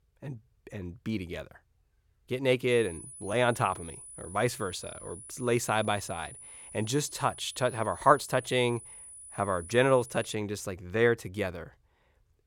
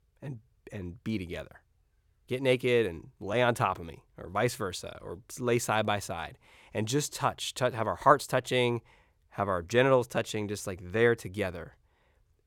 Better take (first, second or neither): second